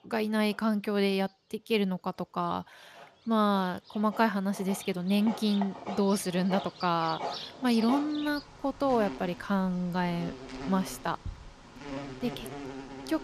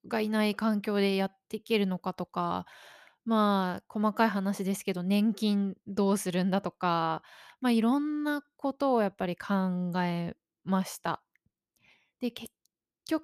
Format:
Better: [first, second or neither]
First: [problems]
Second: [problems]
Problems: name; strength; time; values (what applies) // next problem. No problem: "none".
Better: second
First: animal sounds; noticeable; throughout; 10 dB below the speech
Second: none